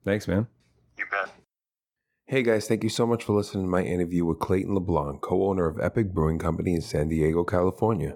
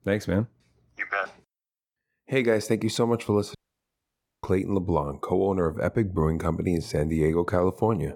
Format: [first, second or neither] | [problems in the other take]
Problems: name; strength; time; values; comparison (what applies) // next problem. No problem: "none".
first | audio cutting out; at 3.5 s for 1 s